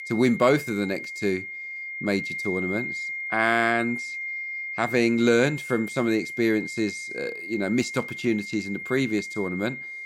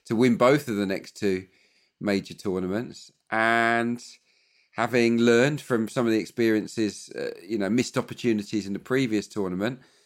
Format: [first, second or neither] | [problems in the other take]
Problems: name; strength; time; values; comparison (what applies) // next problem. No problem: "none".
second | high-pitched whine; loud; throughout; 2 kHz, 7 dB below the speech